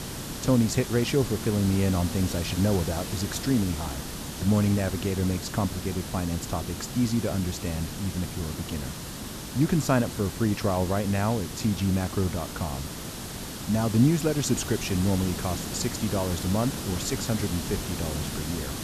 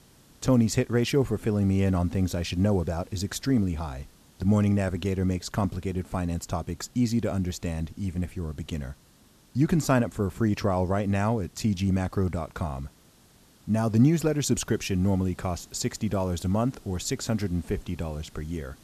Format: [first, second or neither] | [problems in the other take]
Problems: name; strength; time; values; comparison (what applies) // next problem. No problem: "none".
second | hiss; loud; throughout; 7 dB below the speech; faint in the second